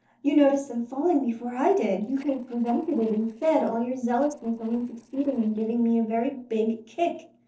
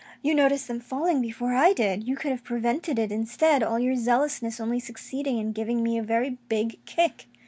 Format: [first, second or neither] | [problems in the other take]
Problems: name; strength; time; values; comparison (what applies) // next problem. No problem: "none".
second | noise reduction (neural separator model SepFormer DNS4)